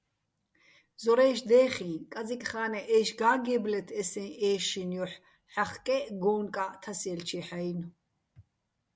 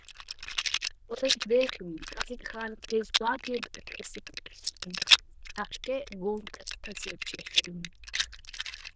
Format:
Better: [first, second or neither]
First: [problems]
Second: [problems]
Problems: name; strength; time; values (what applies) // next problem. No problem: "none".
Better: first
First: none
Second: noise reduction (neural diffusion model UNIVERSE++)